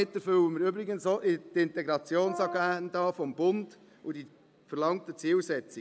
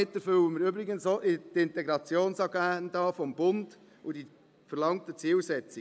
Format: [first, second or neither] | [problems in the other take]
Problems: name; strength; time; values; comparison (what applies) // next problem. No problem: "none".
second | background sound (Brass instrument); 10 dB below the speech